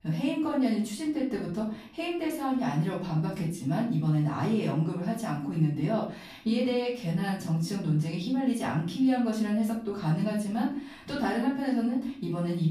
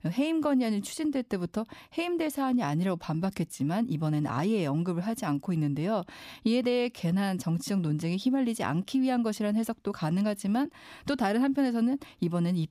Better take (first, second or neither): second